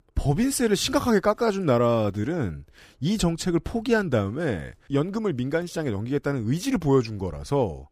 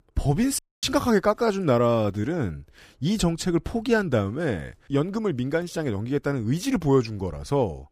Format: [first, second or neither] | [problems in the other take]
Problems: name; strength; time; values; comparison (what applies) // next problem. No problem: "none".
first | audio cutting out; at 0.5 s